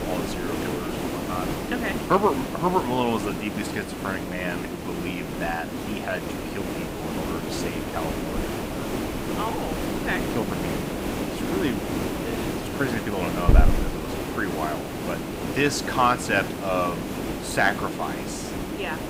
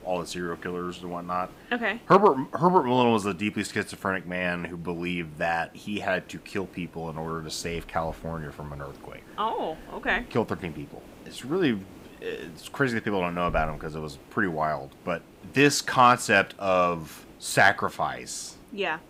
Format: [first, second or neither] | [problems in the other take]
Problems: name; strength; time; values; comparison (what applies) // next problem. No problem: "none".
second | hiss; loud; throughout; as loud as the speech; faint in the second